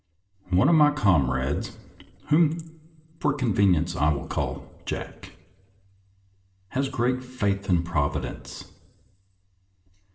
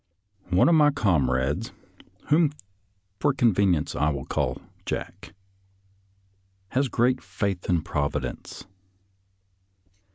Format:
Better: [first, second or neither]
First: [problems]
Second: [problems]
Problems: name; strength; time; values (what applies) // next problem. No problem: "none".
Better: second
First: room echo; dies away in 0.6 s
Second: none